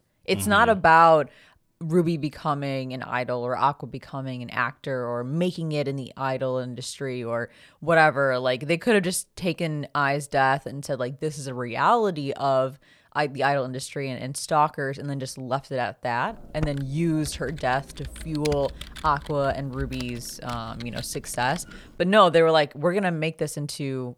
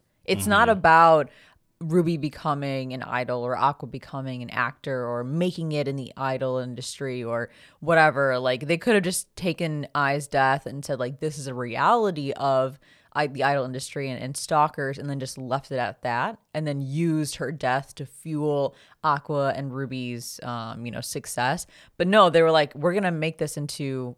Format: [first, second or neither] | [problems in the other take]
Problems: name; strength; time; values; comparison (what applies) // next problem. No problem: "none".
second | keyboard typing; faint; from 16 to 22 s; peak 10 dB below the speech